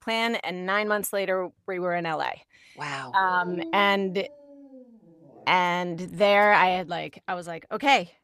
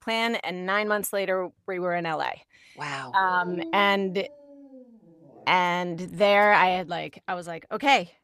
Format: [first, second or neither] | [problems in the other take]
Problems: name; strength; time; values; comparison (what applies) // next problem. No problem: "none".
neither | dog barking; faint; from 3 to 5.5 s; peak 10 dB below the speech; the same in both